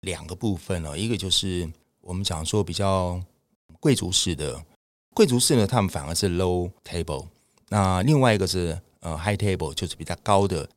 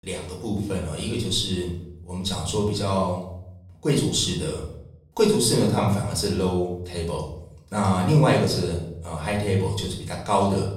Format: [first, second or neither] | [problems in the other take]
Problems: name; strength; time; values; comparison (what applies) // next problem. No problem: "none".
first | room echo; noticeable; dies away in 0.6 s // off-mic speech; far